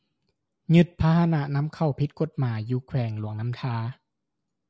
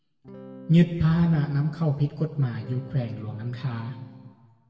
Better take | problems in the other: first | background sound (Electric guitar / Strum); 19 dB below the speech // room echo; dies away in 1.5 s

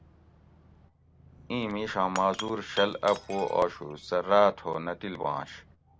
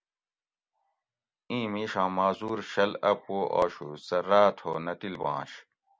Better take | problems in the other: second | background sound (Shatter / Crushing); 16 dB below the speech

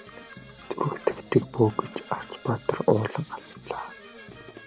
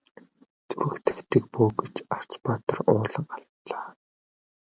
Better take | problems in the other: second | background sound (Brass instrument / Percussion); 17 dB below the speech

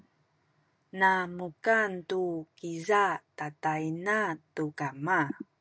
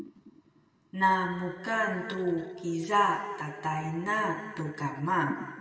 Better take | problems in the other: first | room echo; dies away in 2.1 s

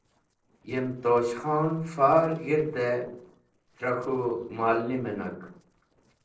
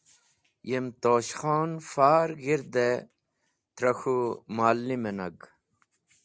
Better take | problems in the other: second | noise reduction (neural separator model SepFormer DNS4)

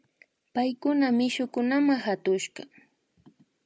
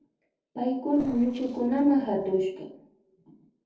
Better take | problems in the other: first | noise reduction (neural separator model SepFormer DNS4)

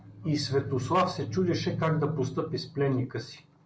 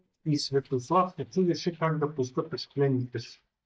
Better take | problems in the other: first | noise reduction (neural mask model DeepFilterNet 3)

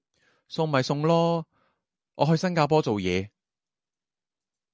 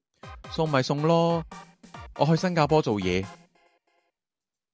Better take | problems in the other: first | background sound (Drum kit); 19 dB below the speech

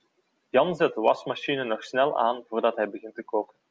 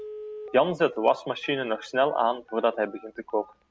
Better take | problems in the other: first | background sound (Telephone); 19 dB below the speech

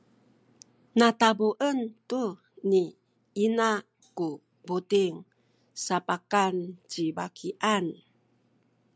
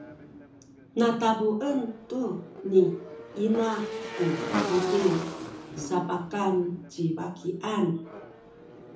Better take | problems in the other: first | background sound (Motorcycle / Engine); 8 dB below the speech // room echo; dies away in 0.6 s

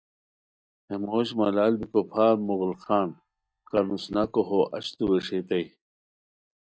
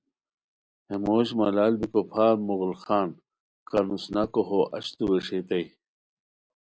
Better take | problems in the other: second | noise reduction (neural mask model DeepFilterNet 3)

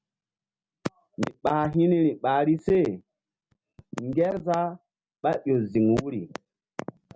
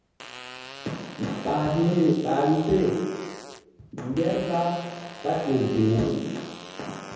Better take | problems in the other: first | background sound (Fart); 16 dB below the speech // room echo; dies away in 1.2 s

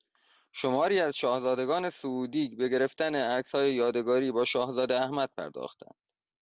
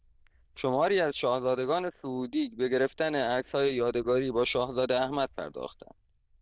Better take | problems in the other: first | noise reduction (neural diffusion model UNIVERSE++)

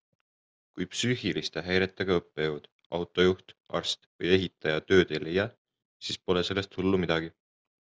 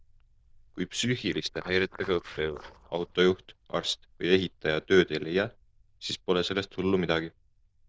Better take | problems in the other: first | noise reduction (neural diffusion model UNIVERSE++)

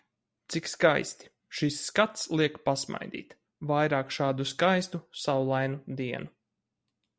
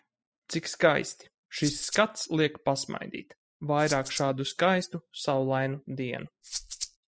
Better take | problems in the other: first | noise reduction (classical method spectral subtraction)

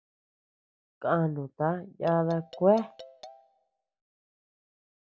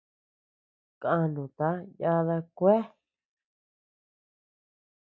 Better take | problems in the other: second | background sound (Marimba, xylophone); 18 dB below the speech

